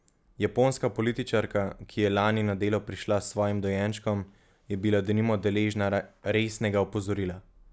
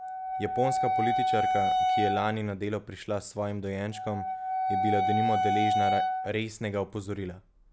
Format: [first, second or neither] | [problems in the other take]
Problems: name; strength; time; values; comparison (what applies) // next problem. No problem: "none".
first | background sound (Wind instrument, woodwind instrument); 3 dB above the speech